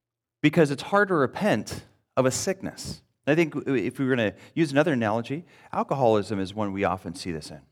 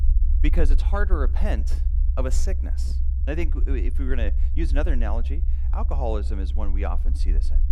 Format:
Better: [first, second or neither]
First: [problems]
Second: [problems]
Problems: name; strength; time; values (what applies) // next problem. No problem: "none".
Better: first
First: none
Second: low rumble; noticeable; throughout; 15 dB below the speech